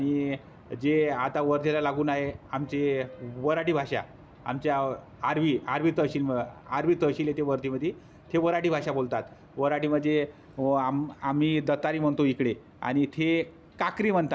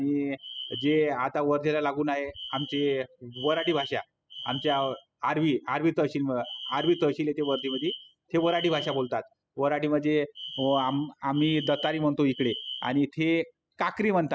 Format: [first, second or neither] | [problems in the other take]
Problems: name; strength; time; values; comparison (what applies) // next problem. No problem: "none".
first | noise reduction (classical method spectral subtraction)